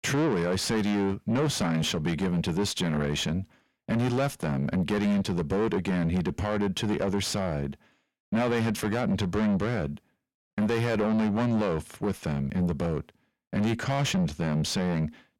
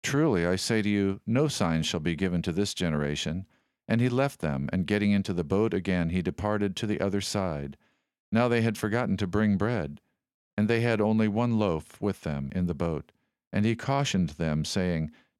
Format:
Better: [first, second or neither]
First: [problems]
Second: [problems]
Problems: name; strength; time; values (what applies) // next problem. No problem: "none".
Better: second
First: distortion; heavy; 7 dB below the speech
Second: none